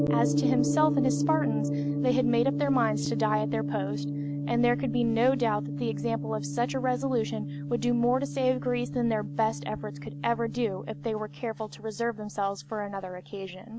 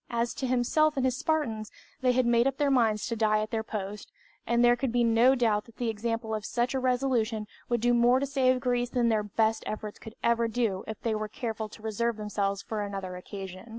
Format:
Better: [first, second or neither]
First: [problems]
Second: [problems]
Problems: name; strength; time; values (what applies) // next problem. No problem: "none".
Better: second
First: background sound (Gong); 3 dB below the speech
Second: none